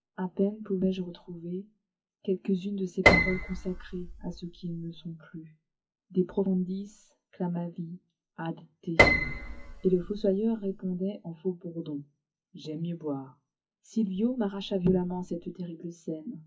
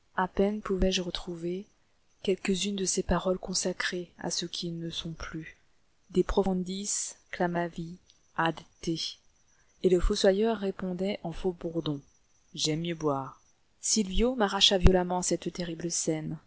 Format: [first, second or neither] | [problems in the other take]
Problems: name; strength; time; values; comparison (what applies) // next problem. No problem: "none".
second | noise reduction (classical method WPE with log-MMSE)